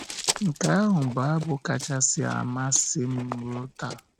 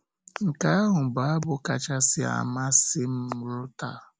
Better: second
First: noise reduction (neural mask model RNNoise)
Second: none

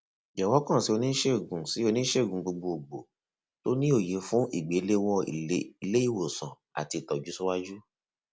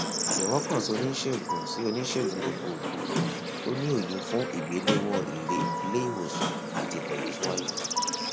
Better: first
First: none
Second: background sound (Bird / Insect + Sliding door); 1 dB above the speech

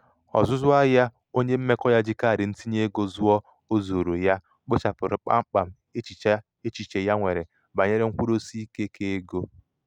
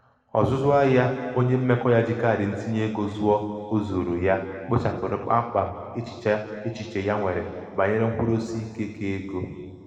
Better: first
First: none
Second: room echo; dies away in 1.9 s

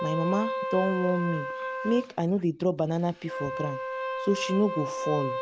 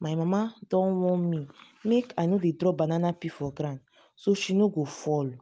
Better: second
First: background sound (Wind instrument, woodwind instrument); 5 dB below the speech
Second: none

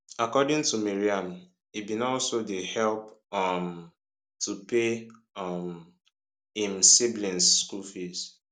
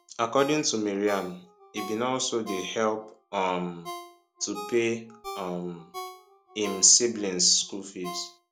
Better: first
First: none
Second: background sound (Ringtone); 15 dB below the speech

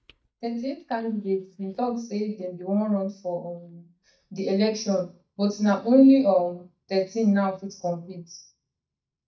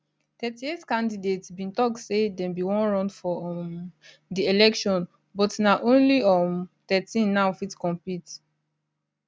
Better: second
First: noise reduction (neural mask model DeepFilterNet 3)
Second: none

